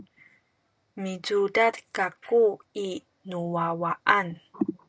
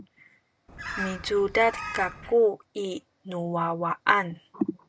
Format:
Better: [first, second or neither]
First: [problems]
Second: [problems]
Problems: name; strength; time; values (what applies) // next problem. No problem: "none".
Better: first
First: none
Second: background sound (Bird); 10 dB below the speech